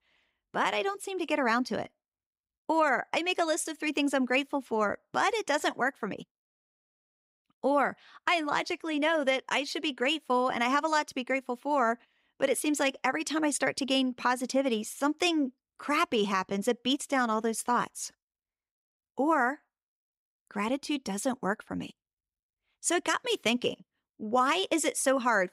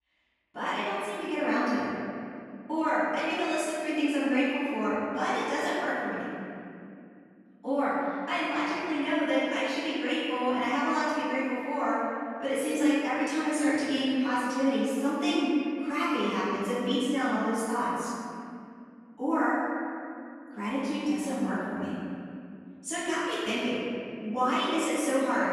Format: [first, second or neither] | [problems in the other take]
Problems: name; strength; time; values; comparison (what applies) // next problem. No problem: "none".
first | off-mic speech; far // room echo; strong; dies away in 2.5 s